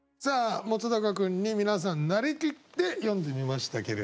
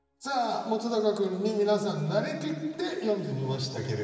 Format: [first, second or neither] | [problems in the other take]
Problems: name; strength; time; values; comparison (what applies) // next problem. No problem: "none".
first | room echo; dies away in 1.9 s